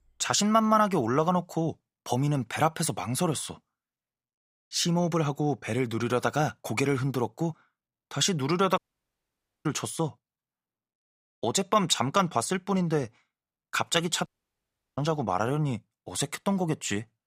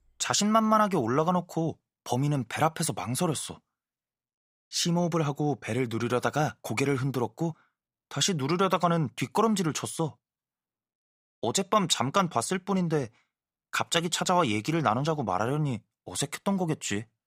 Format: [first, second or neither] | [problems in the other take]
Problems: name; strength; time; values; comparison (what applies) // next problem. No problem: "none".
second | audio cutting out; at 9 s for 1 s and at 14 s for 0.5 s